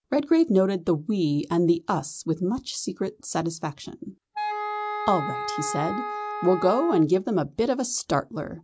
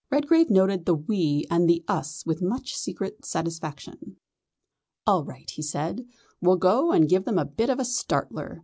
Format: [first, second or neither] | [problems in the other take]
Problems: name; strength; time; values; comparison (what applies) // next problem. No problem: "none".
second | background sound (Wind instrument, woodwind instrument); 6 dB below the speech